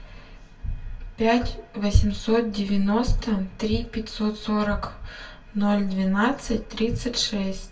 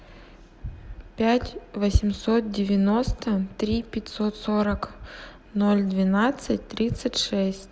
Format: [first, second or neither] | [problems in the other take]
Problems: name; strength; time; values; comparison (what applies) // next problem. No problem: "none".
second | room echo; dies away in 0.2 s